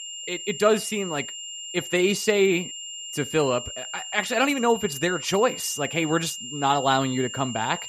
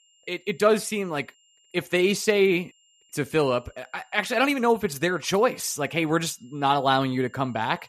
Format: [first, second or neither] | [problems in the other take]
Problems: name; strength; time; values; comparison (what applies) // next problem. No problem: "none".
second | high-pitched whine; loud; throughout; 3 kHz, 9 dB below the speech; faint in the second